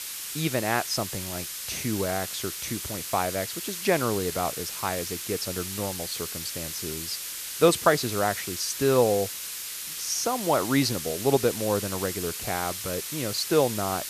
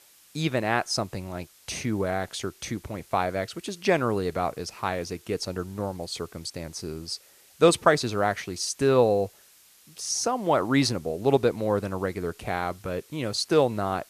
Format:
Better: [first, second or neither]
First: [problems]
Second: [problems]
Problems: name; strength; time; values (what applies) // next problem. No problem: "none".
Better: second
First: hiss; loud; throughout; 5 dB below the speech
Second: hiss; faint; throughout; 25 dB below the speech